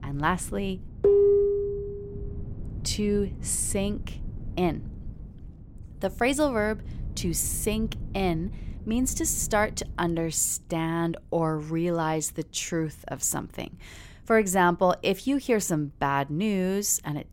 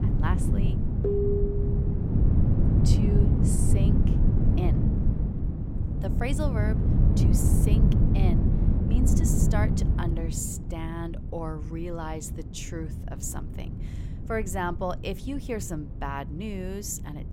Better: first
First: wind noise on the microphone; occasional gusts; 25 dB below the speech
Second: wind noise on the microphone; heavy; 1 dB below the speech

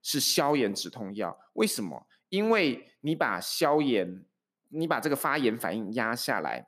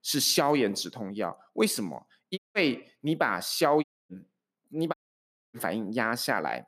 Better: first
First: none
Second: audio cutting out; at 2.5 s, at 4 s and at 5 s for 0.5 s

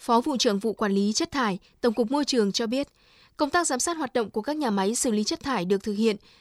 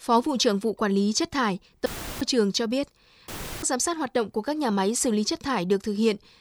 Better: first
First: none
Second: audio cutting out; filled with static; at 2 s and at 3.5 s

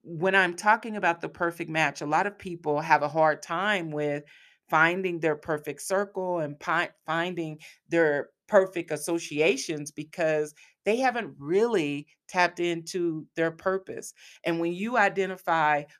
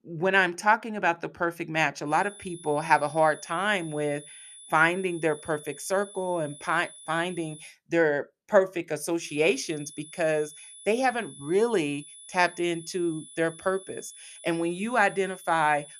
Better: first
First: none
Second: high-pitched whine; noticeable; from 2 to 7.5 s and from 9 s on; 10 kHz, 20 dB below the speech

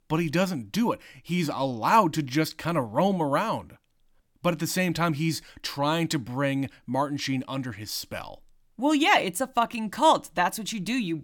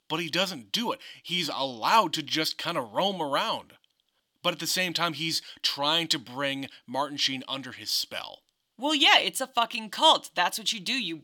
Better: first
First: none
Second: thin; very slightly; fading below 500 Hz

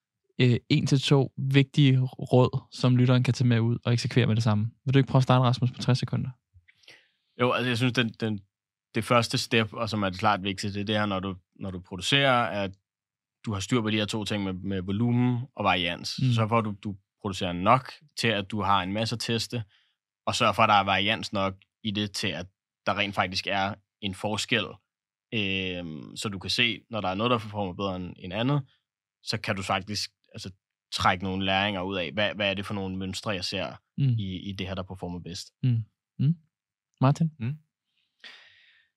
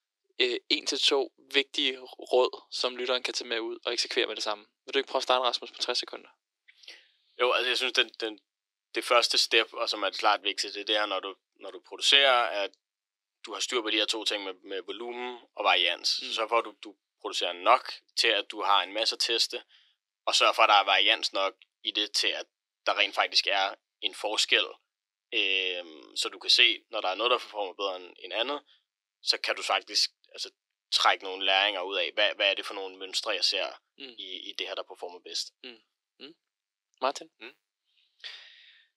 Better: first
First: none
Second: thin; very; fading below 350 Hz

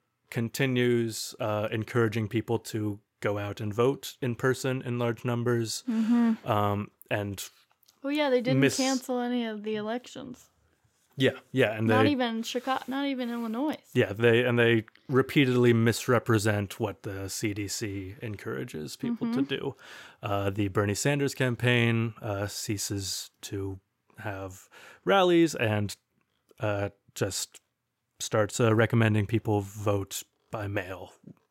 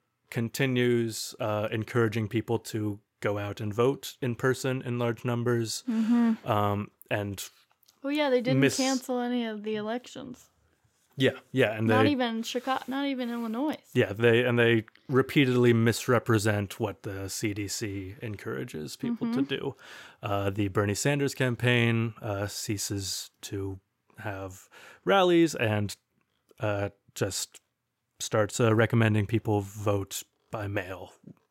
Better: neither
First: none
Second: none

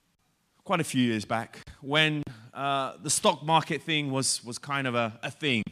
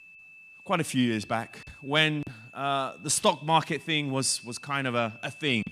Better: first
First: none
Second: high-pitched whine; faint; throughout; 2.5 kHz, 20 dB below the speech

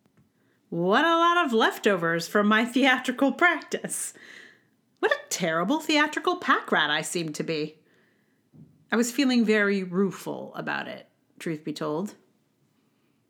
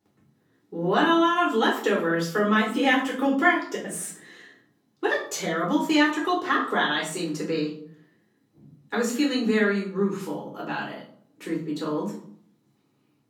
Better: first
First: none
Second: room echo; slight; dies away in 0.4 s // off-mic speech; far

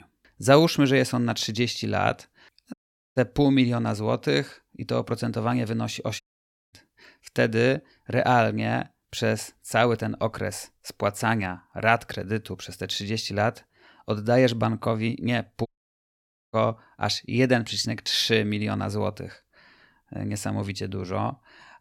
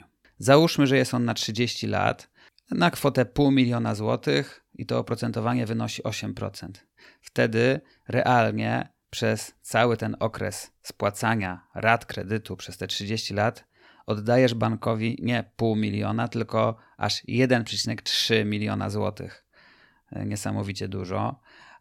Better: second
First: audio cutting out; at 2.5 s, at 6 s for 0.5 s and at 16 s for 1 s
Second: none

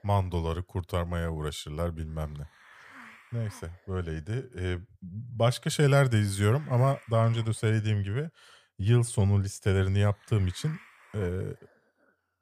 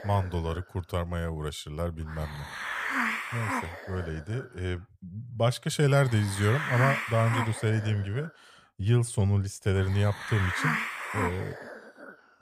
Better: first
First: hiss; faint; throughout; 25 dB below the speech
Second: hiss; loud; throughout; 3 dB below the speech

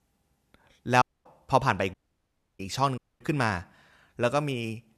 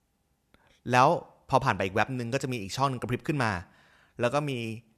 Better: second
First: audio cutting out; at 1 s, at 2 s for 0.5 s and at 3 s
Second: none

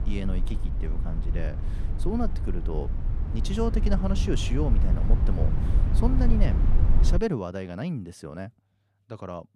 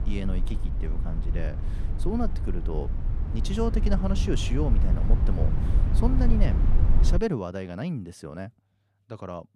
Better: neither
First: low rumble; loud; until 7 s; 7 dB below the speech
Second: low rumble; loud; until 7 s; 7 dB below the speech

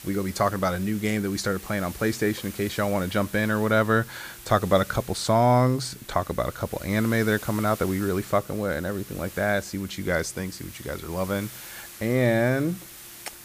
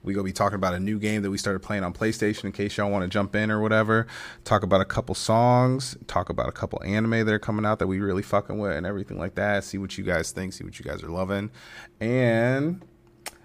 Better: second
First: hiss; noticeable; throughout; 15 dB below the speech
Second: none

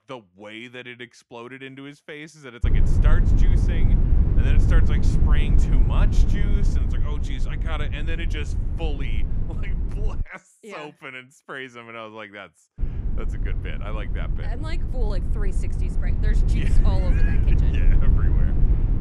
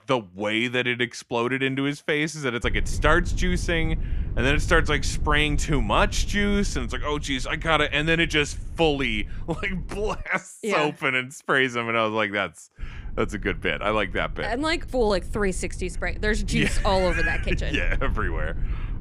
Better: second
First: low rumble; loud; from 2.5 to 10 s and from 13 s on; 2 dB below the speech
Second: low rumble; faint; from 2.5 to 10 s and from 13 s on; 25 dB below the speech

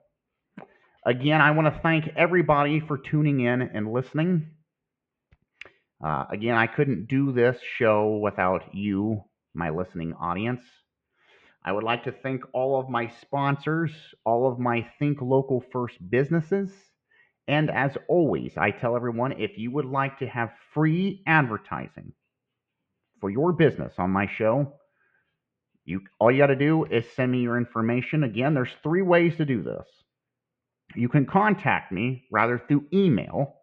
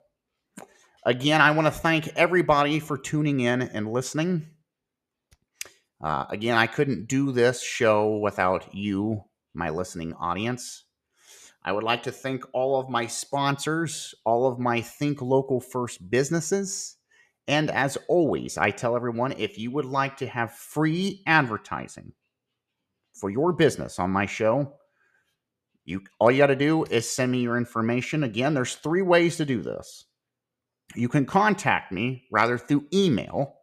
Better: second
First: muffled; very; fading above 2.5 kHz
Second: none

